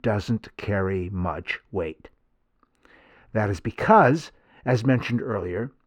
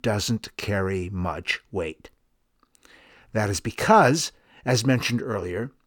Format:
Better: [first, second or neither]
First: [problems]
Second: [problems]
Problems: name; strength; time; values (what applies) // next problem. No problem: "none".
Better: second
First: muffled; slightly; fading above 3.5 kHz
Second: none